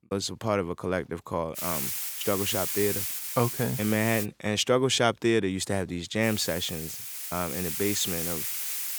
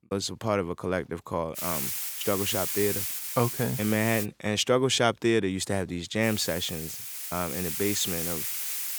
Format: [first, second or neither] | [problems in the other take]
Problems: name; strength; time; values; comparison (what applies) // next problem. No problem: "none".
neither | hiss; loud; from 1.5 to 4 s and from 6 s on; 2 dB below the speech; the same in both